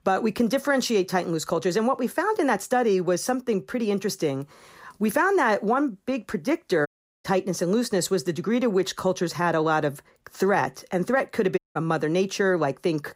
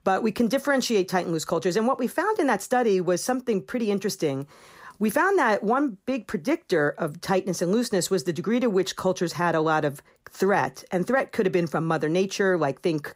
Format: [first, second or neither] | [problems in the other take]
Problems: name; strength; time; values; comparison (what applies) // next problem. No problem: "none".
second | audio cutting out; at 7 s and at 12 s